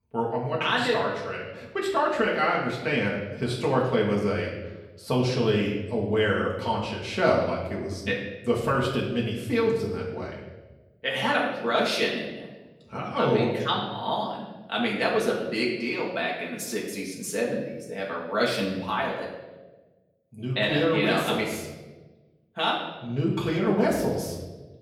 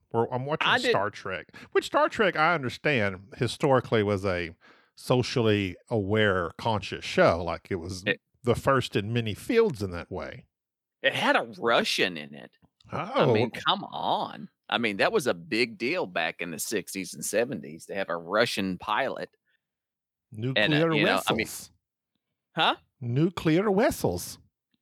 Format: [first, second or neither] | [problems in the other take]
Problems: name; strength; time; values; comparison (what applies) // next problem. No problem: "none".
second | off-mic speech; far // room echo; noticeable; dies away in 1 s